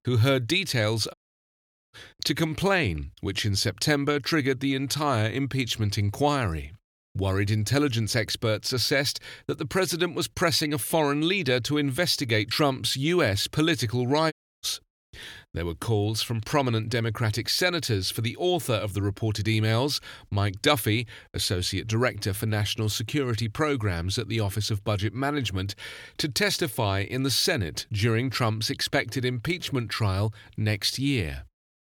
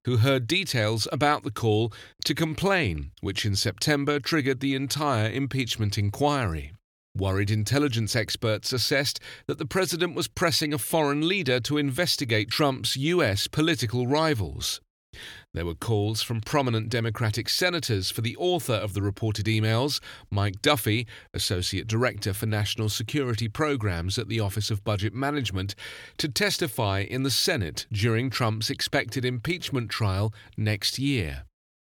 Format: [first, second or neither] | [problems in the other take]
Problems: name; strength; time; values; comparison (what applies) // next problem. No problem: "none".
second | audio cutting out; at 1 s for 1 s and at 14 s